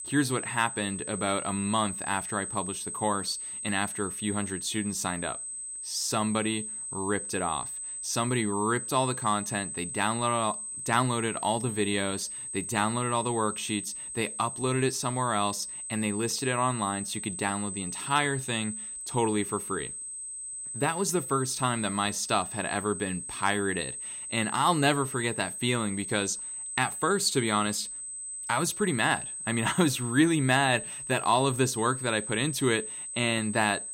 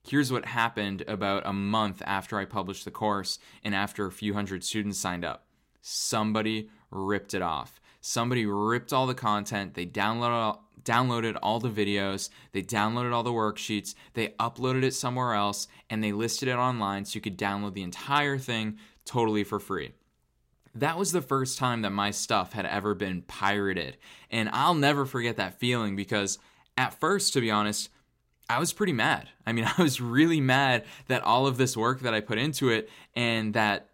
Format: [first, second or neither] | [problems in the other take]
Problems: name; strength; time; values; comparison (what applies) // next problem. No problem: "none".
second | high-pitched whine; loud; throughout; 8 kHz, 6 dB below the speech